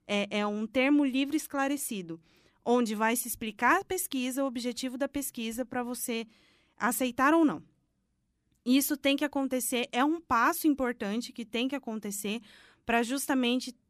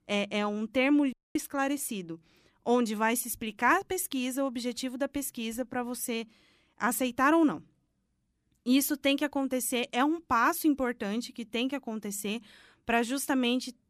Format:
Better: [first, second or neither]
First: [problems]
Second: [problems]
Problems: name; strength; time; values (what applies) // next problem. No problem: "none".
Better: first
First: none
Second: audio cutting out; at 1 s